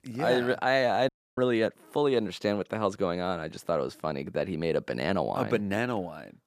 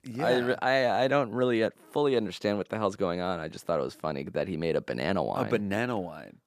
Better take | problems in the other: second | audio cutting out; at 1 s

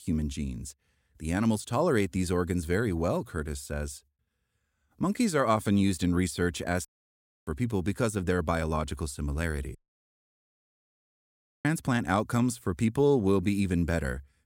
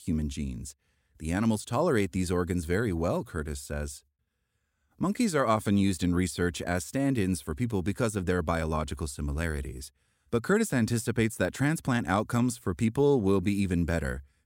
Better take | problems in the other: second | audio cutting out; at 7 s for 0.5 s and at 10 s for 2 s

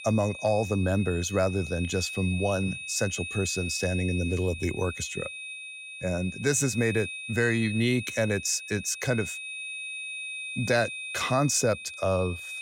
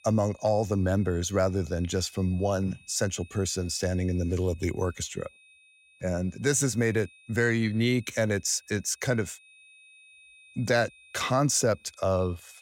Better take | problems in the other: second | high-pitched whine; loud; throughout; 2.5 kHz, 8 dB below the speech; faint in the second

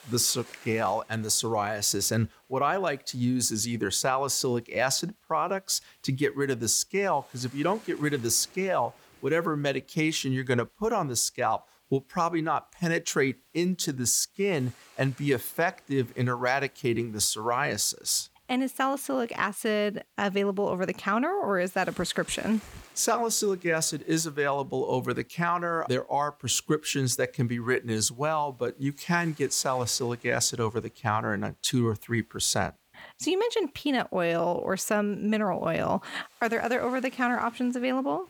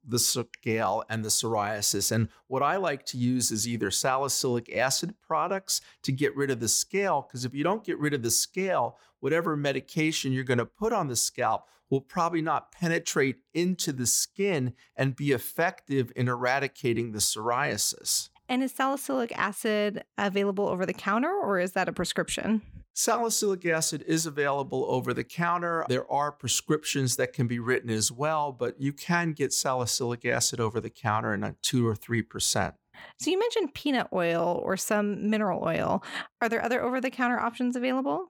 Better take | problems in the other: second | hiss; faint; throughout; 30 dB below the speech

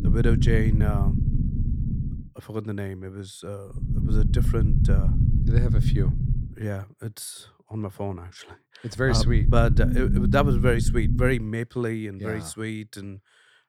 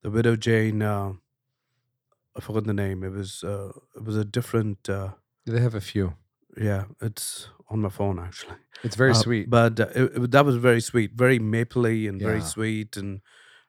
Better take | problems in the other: second | low rumble; loud; until 2 s, from 4 to 6.5 s and from 9 to 11 s; 6 dB below the speech

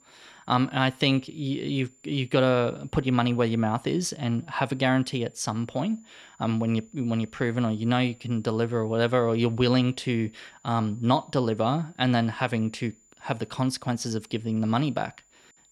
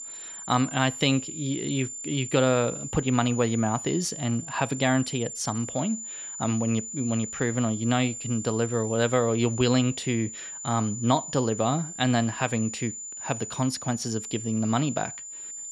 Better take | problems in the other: first | high-pitched whine; loud; throughout; 7 kHz, 8 dB below the speech; faint in the first

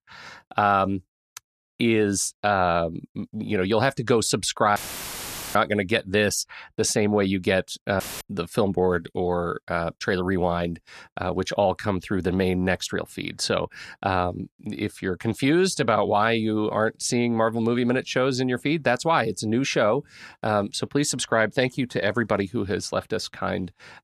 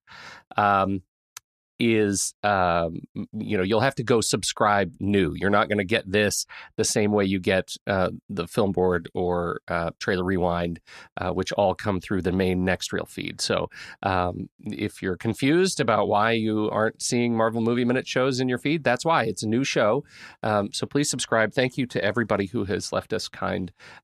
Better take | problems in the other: second | audio cutting out; filled with static; at 5 s for 1 s and at 8 s

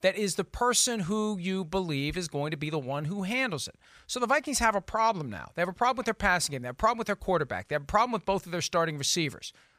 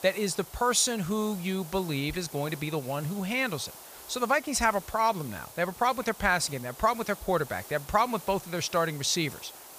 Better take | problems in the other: first | hiss; noticeable; throughout; 15 dB below the speech

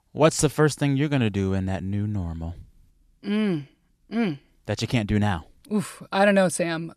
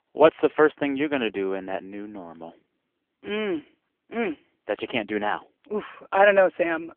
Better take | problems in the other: first | phone-call audio; poor line; nothing above 3 kHz

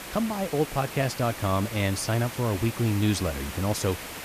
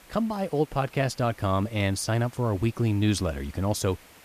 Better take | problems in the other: second | hiss; loud; throughout; 9 dB below the speech; faint in the second

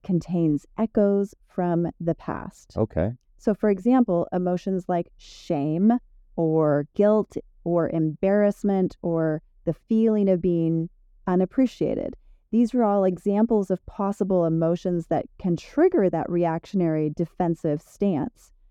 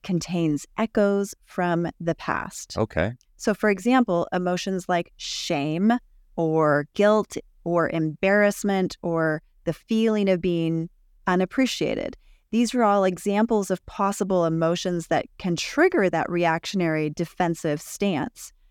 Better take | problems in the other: second | muffled; slightly; fading above 1 kHz

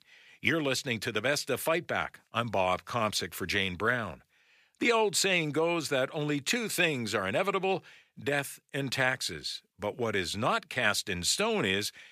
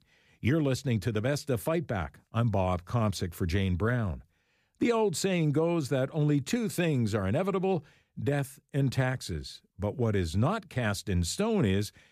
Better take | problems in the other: second | thin; somewhat; fading below 750 Hz

